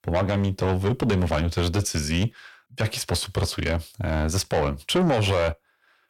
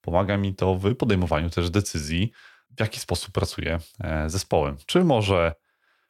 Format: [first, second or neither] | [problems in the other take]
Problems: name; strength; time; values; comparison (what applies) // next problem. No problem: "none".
second | distortion; heavy; 7 dB below the speech